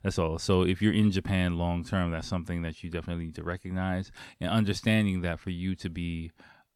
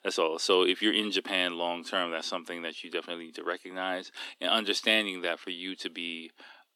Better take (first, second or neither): first